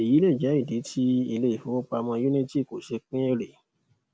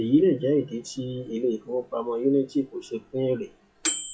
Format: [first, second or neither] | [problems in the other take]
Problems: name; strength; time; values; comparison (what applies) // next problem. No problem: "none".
first | noise reduction (classical method WPE with log-MMSE)